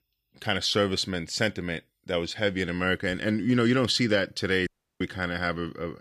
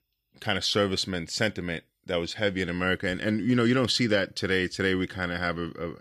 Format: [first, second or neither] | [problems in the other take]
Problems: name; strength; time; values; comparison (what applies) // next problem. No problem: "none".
second | audio cutting out; at 4.5 s